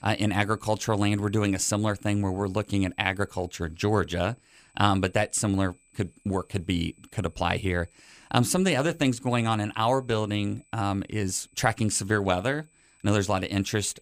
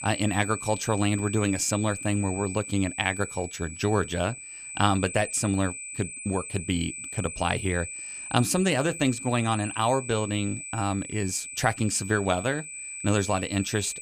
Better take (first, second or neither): first